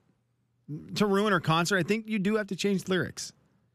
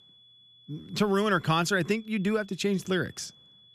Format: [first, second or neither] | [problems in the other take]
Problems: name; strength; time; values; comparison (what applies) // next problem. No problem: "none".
first | high-pitched whine; faint; throughout; 3.5 kHz, 25 dB below the speech